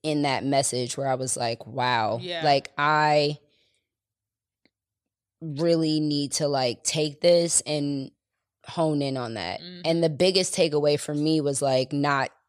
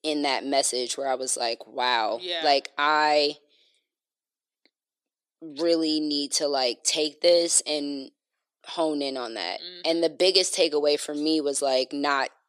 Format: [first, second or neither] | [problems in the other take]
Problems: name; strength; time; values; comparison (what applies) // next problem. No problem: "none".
first | thin; very slightly; fading below 300 Hz